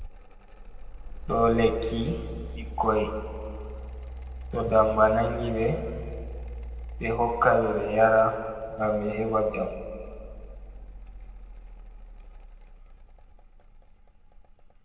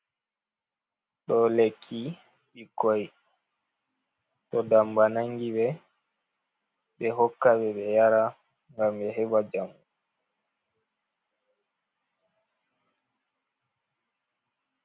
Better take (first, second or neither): second